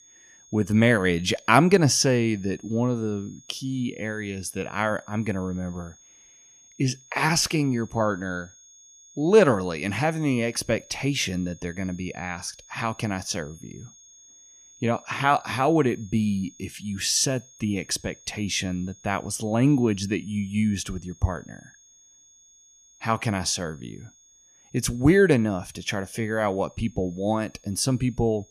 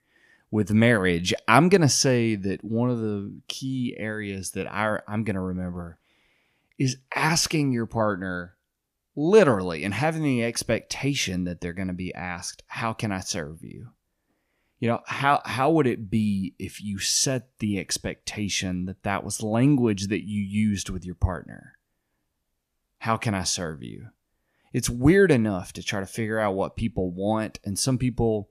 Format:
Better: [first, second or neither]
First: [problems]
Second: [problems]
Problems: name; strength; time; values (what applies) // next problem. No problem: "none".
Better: second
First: high-pitched whine; faint; throughout; 6.5 kHz, 25 dB below the speech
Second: none